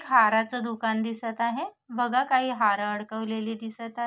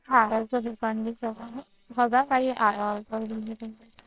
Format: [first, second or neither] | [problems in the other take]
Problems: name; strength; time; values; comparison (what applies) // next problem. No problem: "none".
first | noise reduction (neural separator model SepFormer WHAMR!)